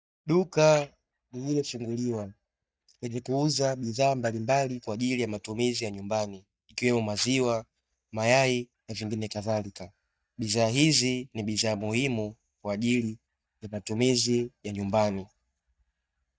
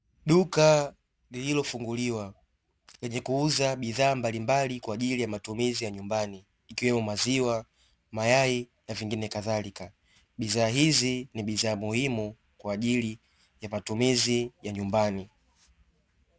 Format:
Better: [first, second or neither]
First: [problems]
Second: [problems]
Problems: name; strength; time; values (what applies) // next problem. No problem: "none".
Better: second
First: noise reduction (neural mask model DeepFilterNet 3)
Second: none